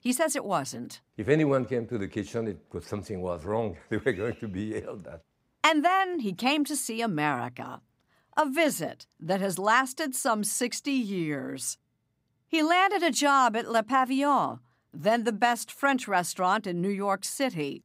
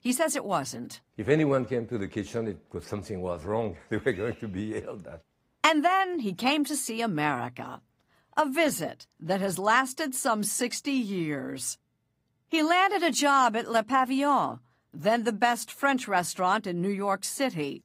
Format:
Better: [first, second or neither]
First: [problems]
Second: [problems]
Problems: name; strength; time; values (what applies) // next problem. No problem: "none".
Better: first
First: none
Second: garbled, watery; slightly; nothing above 15.5 kHz